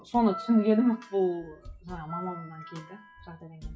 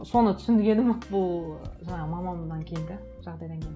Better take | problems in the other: second | noise reduction (classical method WPE with log-MMSE)

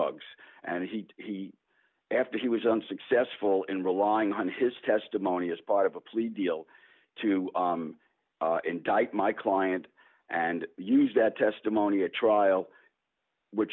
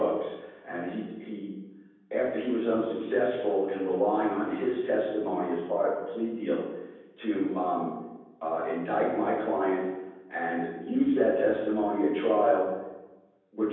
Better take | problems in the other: first | room echo; dies away in 1.1 s

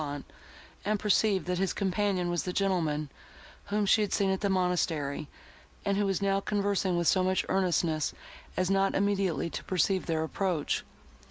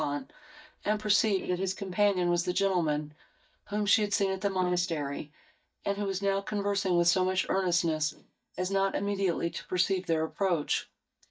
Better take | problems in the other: first | noise reduction (neural mask model DeepFilterNet 3)

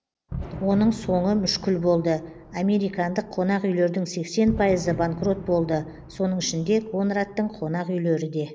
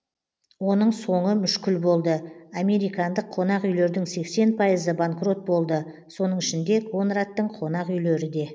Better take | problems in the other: second | background sound (Fireworks); 14 dB below the speech

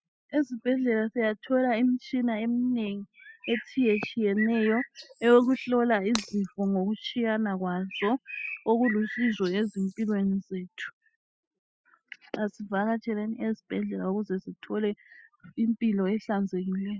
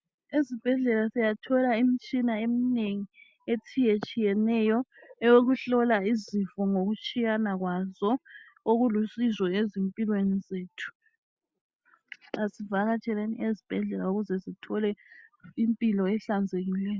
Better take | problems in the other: second | noise reduction (classical method spectral subtraction)

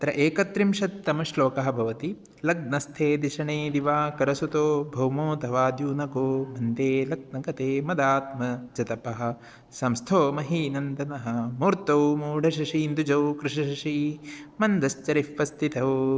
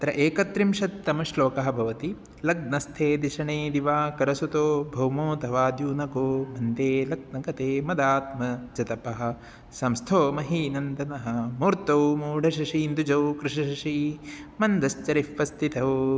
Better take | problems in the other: second | noise reduction (neural separator model SepFormer DNS4)

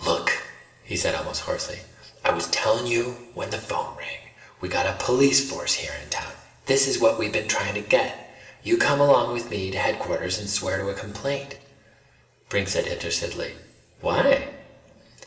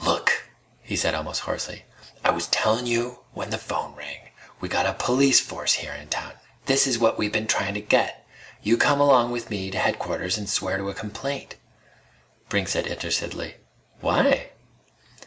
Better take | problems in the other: second | room echo; dies away in 2.1 s

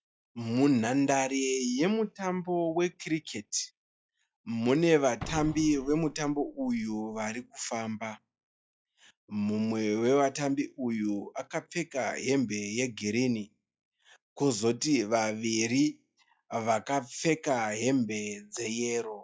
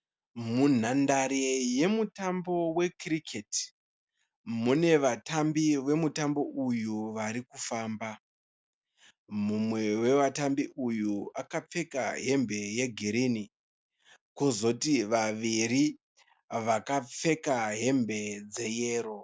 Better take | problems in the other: second | noise reduction (classical method log-MMSE)

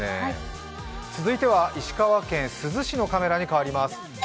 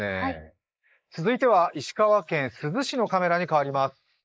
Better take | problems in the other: first | noise reduction (neural mask model Resemble Enhance denoiser)

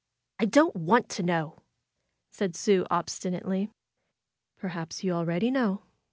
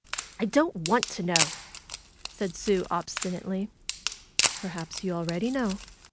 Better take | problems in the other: first | background sound (Wood); 4 dB below the speech

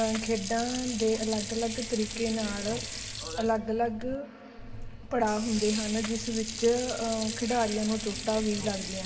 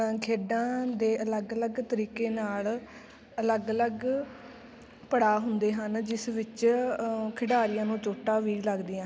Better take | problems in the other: second | background sound (Sink (filling or washing) / Water); 7 dB below the speech // room echo; dies away in 1.5 s

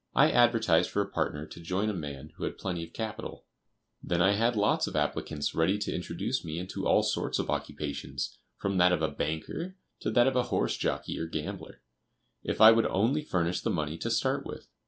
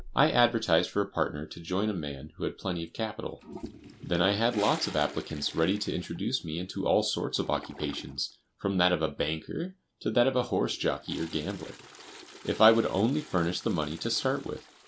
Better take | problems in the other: first | background sound (Toilet flush); 19 dB below the speech

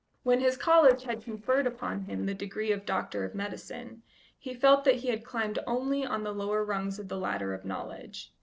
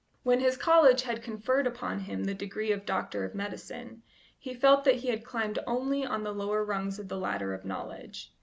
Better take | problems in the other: second | noise reduction (neural separator model SepFormer DNS4)

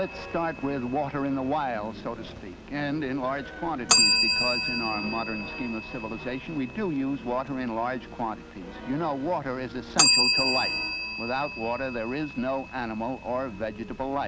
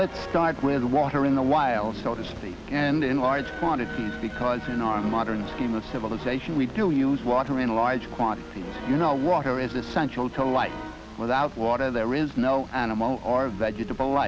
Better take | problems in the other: second | background sound (Bell); as loud as the speech

